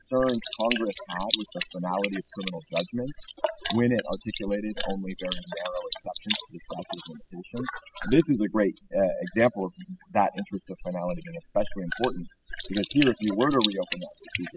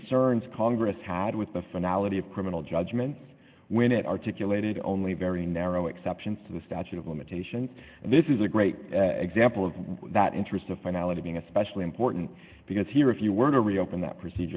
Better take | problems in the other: second | noise reduction (classical method spectral subtraction)

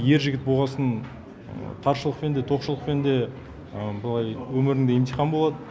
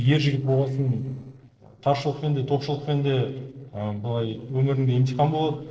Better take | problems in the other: first | noise reduction (neural separator model SepFormer DNS4)

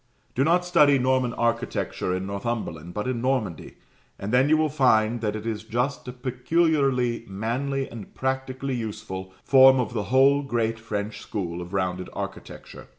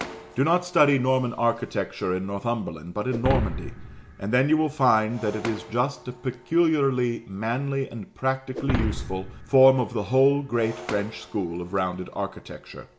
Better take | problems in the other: first | background sound (Shatter); 11 dB below the speech

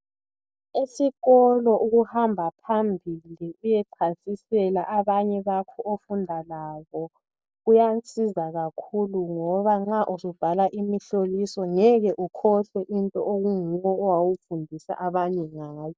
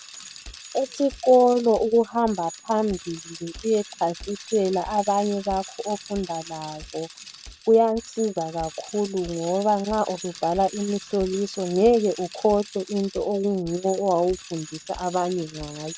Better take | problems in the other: first | background sound (Bicycle); 17 dB below the speech

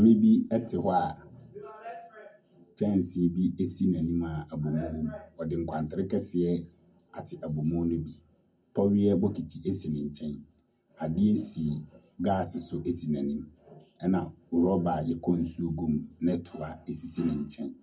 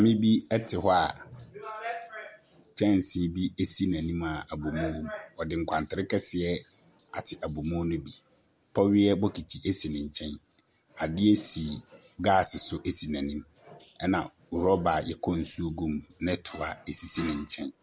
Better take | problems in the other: second | room echo; dies away in 0.3 s

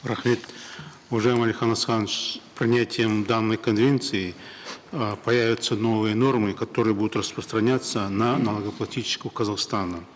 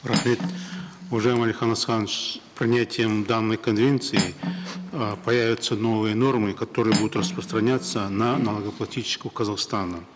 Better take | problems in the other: first | background sound (Cutlery, silverware); 9 dB below the speech

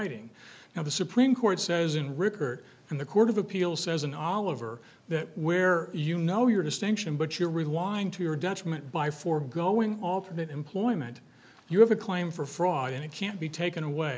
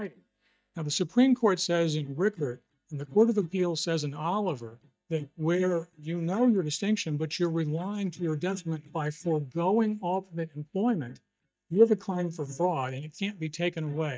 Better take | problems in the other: first | noise reduction (neural mask model DeepFilterNet 3)

